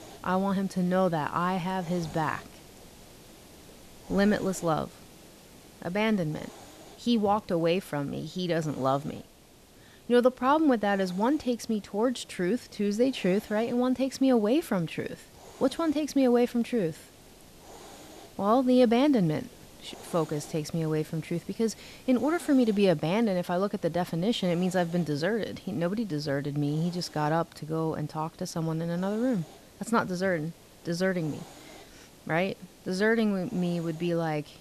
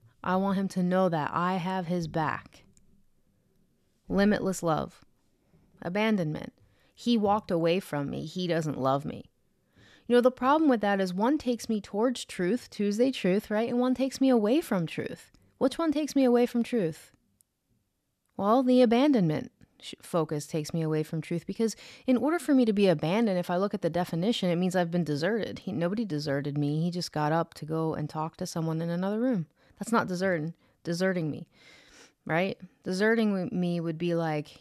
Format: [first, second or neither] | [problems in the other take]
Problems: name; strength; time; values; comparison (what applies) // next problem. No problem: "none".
second | hiss; faint; throughout; 20 dB below the speech